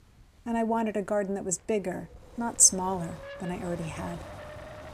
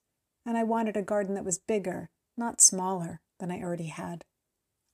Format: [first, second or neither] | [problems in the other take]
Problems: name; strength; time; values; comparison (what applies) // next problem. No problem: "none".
second | wind noise on the microphone; occasional gusts; 15 dB below the speech